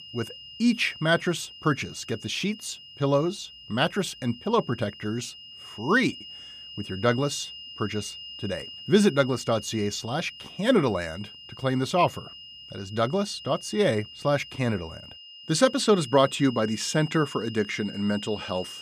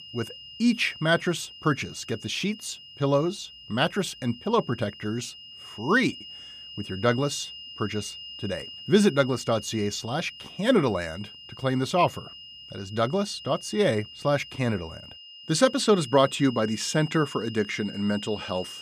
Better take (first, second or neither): neither